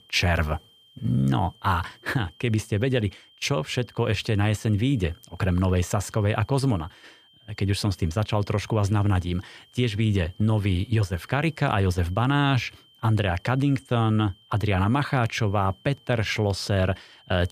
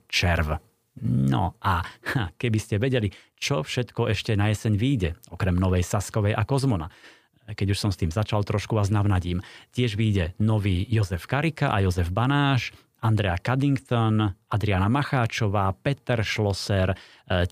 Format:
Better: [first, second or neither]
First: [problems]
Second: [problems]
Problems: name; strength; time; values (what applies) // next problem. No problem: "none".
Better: second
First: high-pitched whine; faint; throughout; 3 kHz, 30 dB below the speech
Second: none